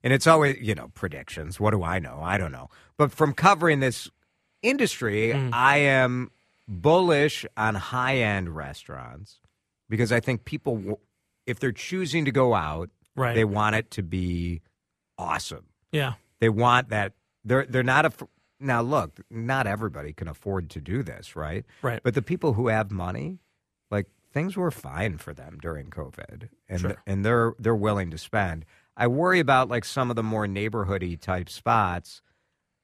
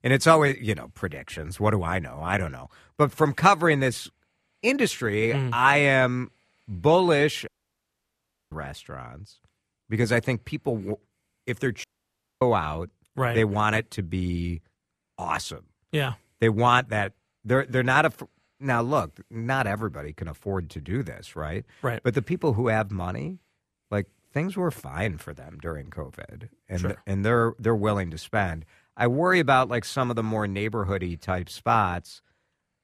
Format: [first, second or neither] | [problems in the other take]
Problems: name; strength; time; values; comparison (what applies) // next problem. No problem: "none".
first | audio cutting out; at 7.5 s for 1 s and at 12 s for 0.5 s